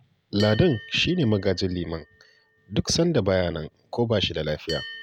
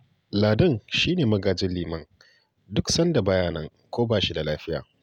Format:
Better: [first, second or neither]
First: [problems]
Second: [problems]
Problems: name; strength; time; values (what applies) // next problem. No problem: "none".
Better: second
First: background sound (Bell); 18 dB below the speech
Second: none